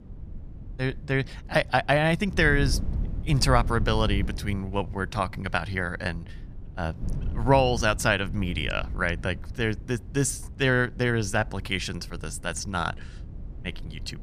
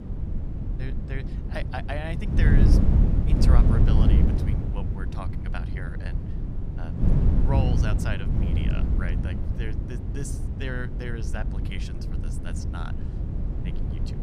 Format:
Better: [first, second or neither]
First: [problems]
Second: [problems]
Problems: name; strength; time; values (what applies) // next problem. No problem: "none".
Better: first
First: wind noise on the microphone; occasional gusts; 20 dB below the speech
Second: wind noise on the microphone; heavy; as loud as the speech